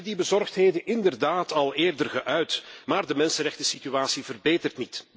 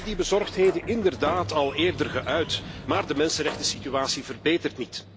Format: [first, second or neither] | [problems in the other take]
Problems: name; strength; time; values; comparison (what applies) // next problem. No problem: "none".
first | background sound (Sliding door); 11 dB below the speech